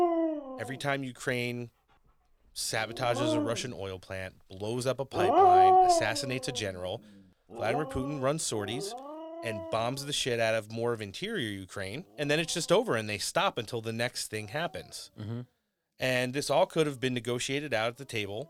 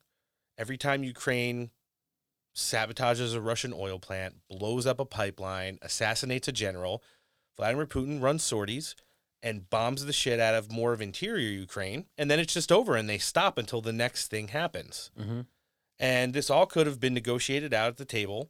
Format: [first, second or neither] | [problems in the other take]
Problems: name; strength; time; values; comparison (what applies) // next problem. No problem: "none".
second | animal sounds; very loud; throughout; 4 dB above the speech